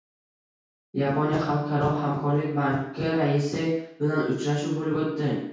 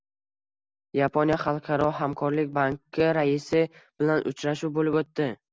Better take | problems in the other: second | room echo; dies away in 0.6 s

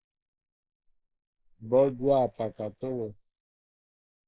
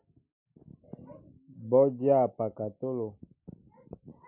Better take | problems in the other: second | noise reduction (neural mask model Resemble Enhance denoiser)

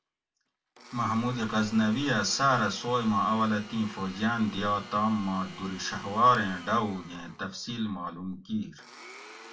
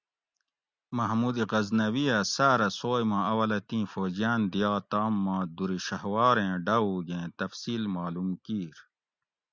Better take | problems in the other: second | background sound (Domestic sounds, home sounds); 18 dB below the speech // room echo; dies away in 0.2 s

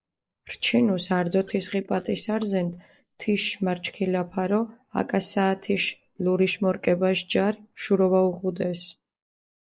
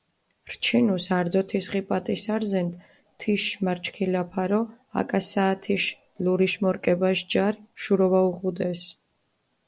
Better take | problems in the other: second | noise reduction (neural mask model Resemble Enhance denoiser)

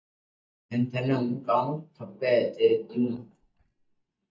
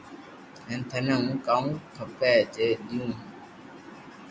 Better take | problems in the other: second | noise reduction (neural mask model DeepFilterNet 3)

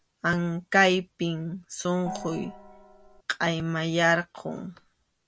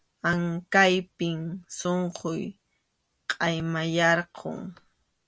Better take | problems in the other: second | background sound (Gong); 13 dB below the speech

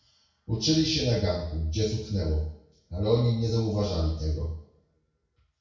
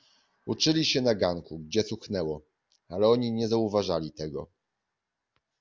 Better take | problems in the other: second | room echo; dies away in 0.6 s

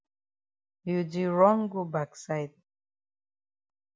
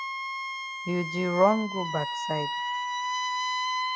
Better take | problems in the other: first | background sound (Wind instrument, woodwind instrument); 1 dB below the speech

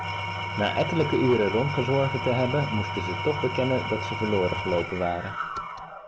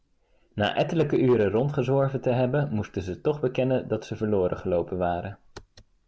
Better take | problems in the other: second | background sound (Engine / Tools); 5 dB below the speech

